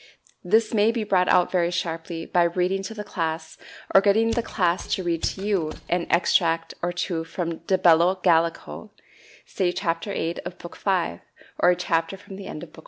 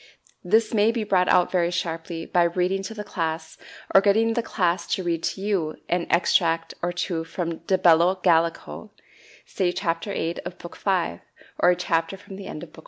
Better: second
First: background sound (Mechanisms); 15 dB below the speech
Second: none

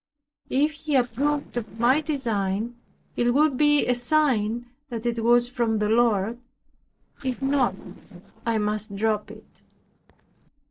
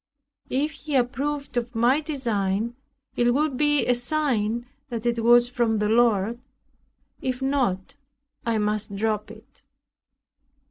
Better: second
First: noise reduction (neural separator model SepFormer DNS4)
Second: none

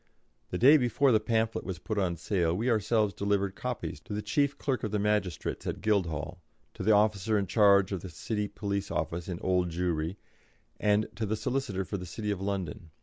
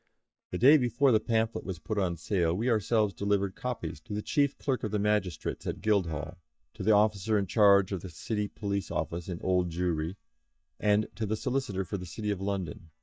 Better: first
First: none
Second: noise reduction (neural mask model DeepFilterNet 3)

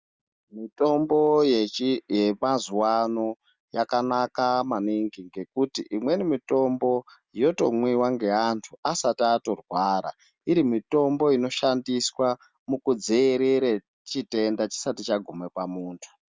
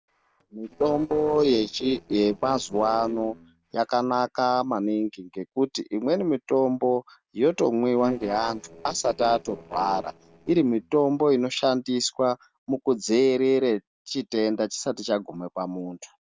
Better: first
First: none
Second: noise reduction (neural separator model SepFormer DNS4)

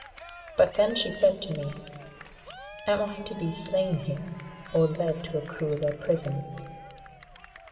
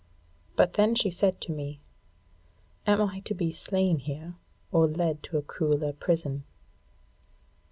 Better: second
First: background sound (Cheering); 17 dB below the speech // room echo; dies away in 2.3 s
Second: none

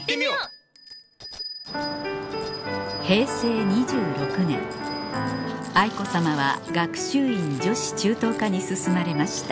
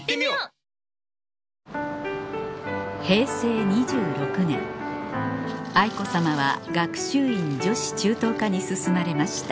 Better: second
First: background sound (Bicycle bell); 18 dB below the speech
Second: none

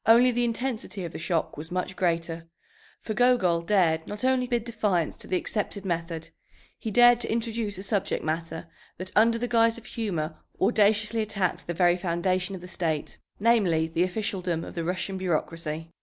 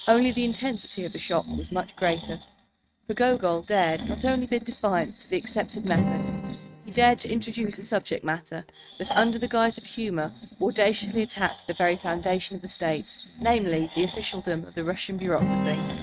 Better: first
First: none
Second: noise reduction (neural mask model RNNoise)

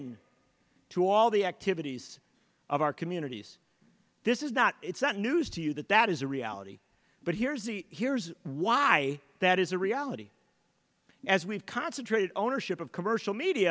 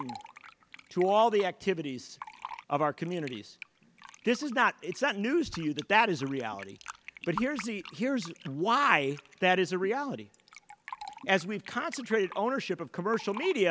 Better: first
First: none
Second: background sound (Fill (with liquid)); 17 dB below the speech

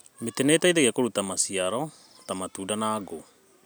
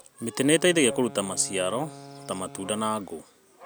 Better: first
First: none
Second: background sound (Wind instrument, woodwind instrument + Bark); 17 dB below the speech

